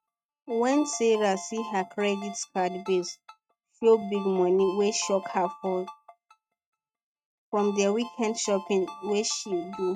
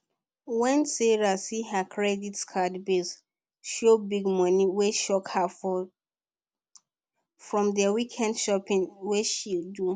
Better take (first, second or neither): second